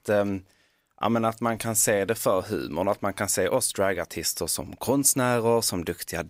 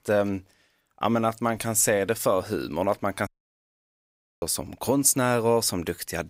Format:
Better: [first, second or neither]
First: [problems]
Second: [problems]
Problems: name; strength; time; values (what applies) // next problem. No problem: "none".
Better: first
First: none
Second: audio cutting out; at 3.5 s for 1 s